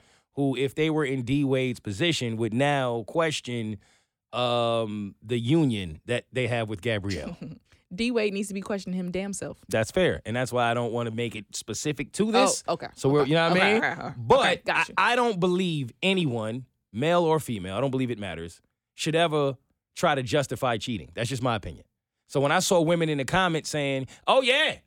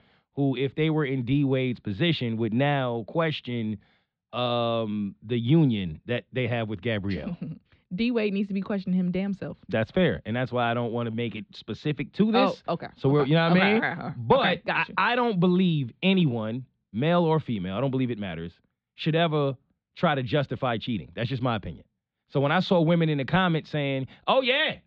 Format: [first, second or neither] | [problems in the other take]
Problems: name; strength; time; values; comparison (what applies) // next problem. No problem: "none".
first | muffled; slightly; fading above 4 kHz